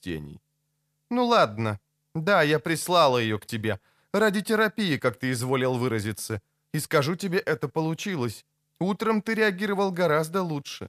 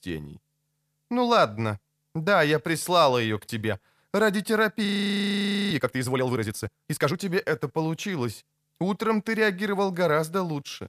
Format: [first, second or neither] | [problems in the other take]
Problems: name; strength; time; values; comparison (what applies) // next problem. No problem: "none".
first | audio freezing; at 5 s for 1 s